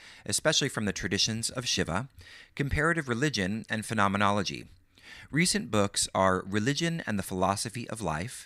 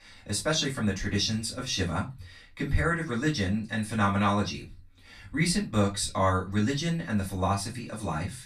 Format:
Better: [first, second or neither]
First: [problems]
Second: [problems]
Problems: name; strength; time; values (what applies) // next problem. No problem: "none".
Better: first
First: none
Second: off-mic speech; far // room echo; very slight; dies away in 0.2 s